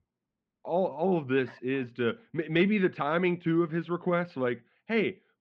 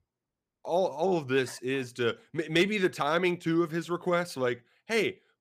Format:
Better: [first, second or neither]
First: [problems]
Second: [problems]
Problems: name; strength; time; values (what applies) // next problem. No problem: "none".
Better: second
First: muffled; very; fading above 3 kHz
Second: none